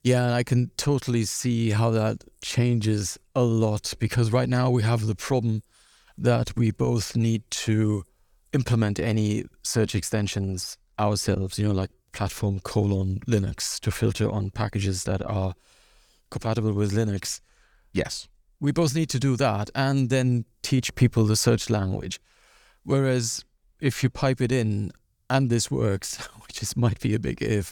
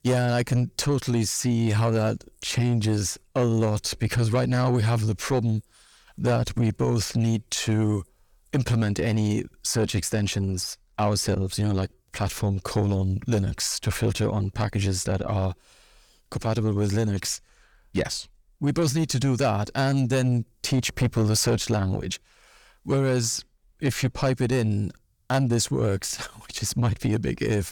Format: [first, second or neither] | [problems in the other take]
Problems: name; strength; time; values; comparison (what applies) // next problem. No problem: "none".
first | distortion; slight; 10 dB below the speech